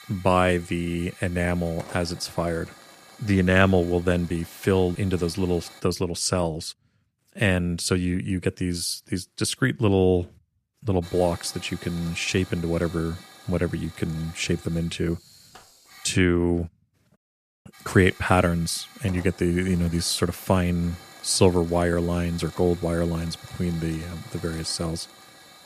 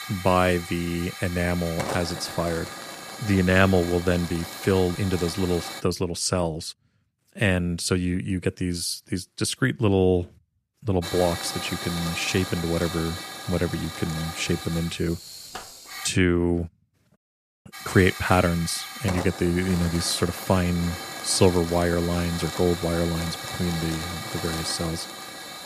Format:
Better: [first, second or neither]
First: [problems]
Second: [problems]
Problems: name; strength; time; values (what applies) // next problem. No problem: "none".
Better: first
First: hiss; faint; until 6 s, from 11 to 16 s and from 18 s on; 20 dB below the speech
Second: hiss; loud; until 6 s, from 11 to 16 s and from 18 s on; 9 dB below the speech